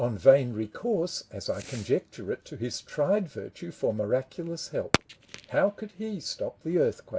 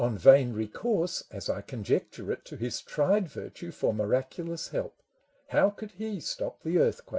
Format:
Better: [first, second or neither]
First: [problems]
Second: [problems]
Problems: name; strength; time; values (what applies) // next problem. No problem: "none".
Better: second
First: background sound (Fireworks); 12 dB below the speech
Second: none